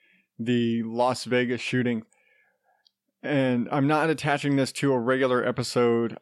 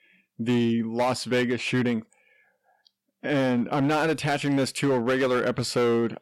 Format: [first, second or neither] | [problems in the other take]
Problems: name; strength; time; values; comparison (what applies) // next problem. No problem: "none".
first | distortion; slight; 10% of the sound clipped